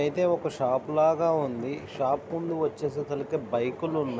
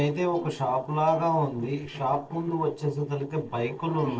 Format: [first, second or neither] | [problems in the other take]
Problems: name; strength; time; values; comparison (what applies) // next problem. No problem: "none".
first | noise reduction (neural separator model SepFormer DNS4)